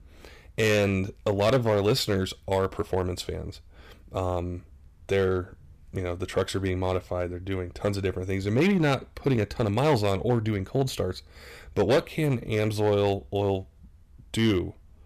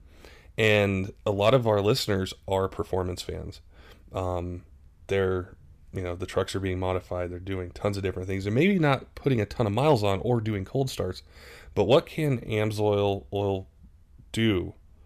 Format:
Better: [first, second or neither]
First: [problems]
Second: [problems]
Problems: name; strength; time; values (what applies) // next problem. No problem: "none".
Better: second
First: distortion; slight; 3% of the sound clipped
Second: none